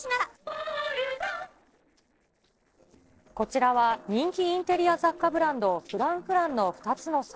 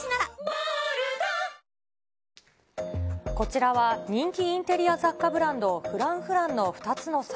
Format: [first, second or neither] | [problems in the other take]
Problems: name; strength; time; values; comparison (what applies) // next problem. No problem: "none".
second | noise reduction (neural separator model SepFormer DNS4)